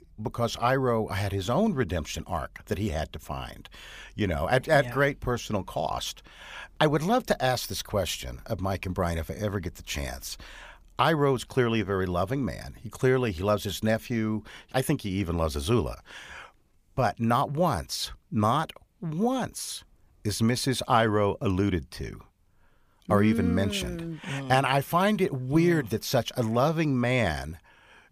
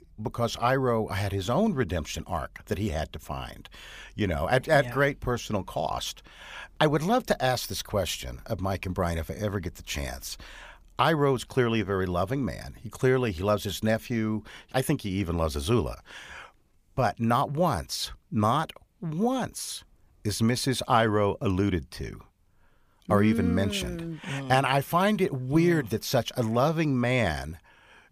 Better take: neither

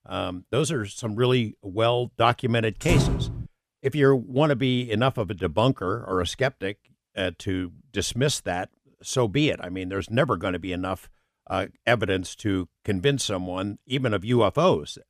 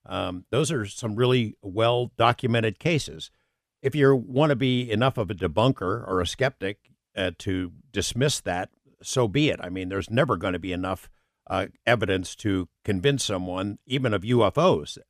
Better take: second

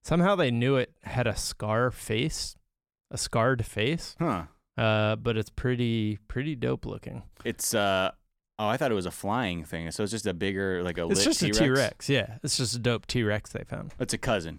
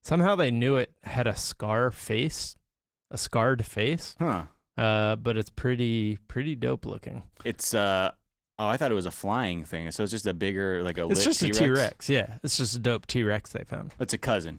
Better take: first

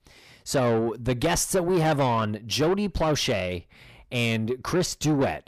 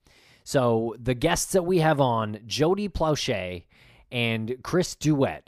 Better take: second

